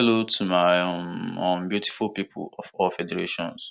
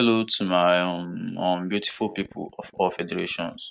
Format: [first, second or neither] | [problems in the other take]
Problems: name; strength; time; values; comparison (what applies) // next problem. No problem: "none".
first | noise reduction (neural mask model Resemble Enhance denoiser)